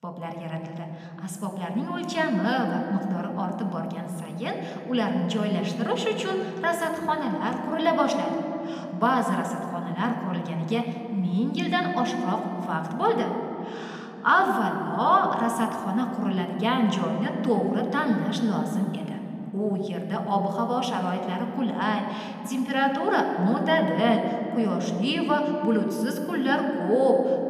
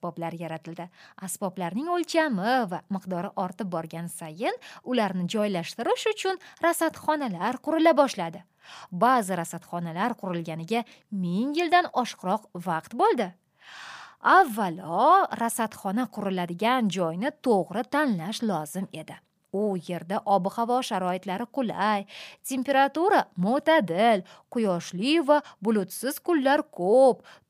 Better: second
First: room echo; noticeable; dies away in 3 s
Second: none

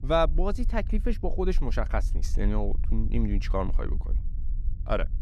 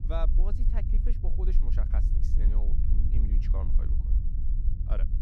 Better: first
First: low rumble; faint; throughout; 20 dB below the speech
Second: low rumble; loud; throughout; 4 dB below the speech

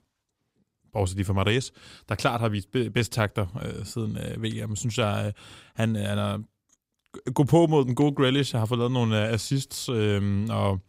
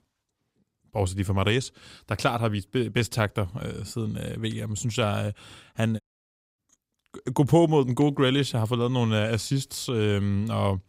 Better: first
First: none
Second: audio cutting out; at 6 s for 0.5 s

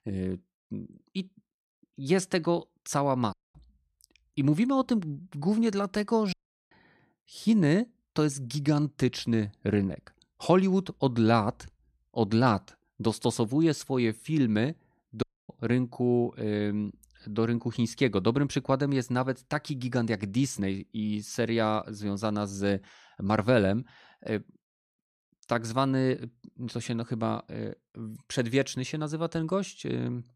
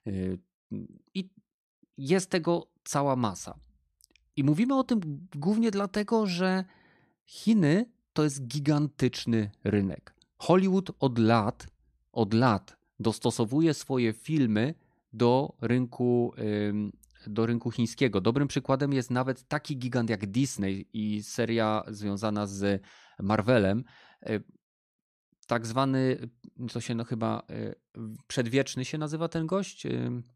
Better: second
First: audio cutting out; at 3.5 s, at 6.5 s and at 15 s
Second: none

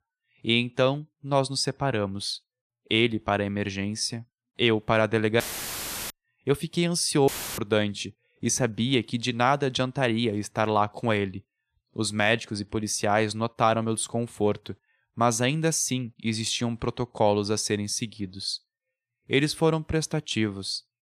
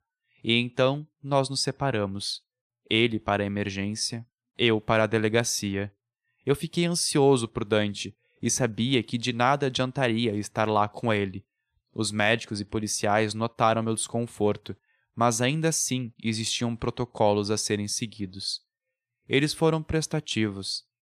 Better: second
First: audio cutting out; filled with static; at 5.5 s for 0.5 s and at 7.5 s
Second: none

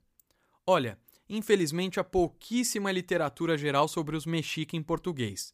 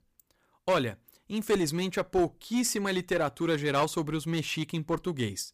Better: first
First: none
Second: distortion; slight; 5% of the sound clipped

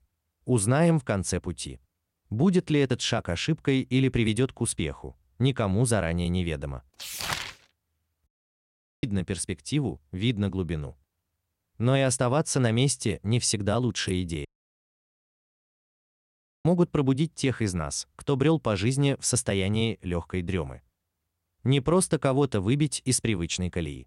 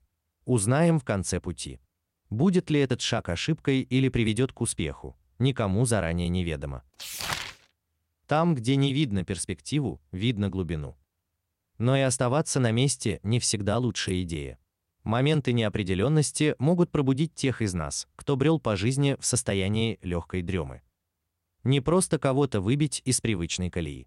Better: second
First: audio cutting out; at 8.5 s for 1 s and at 14 s for 2 s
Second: none

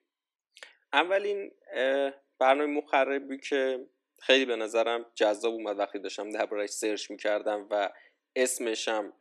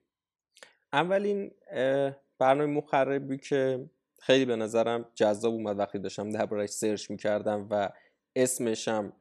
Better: second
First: thin; very slightly; fading below 300 Hz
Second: none

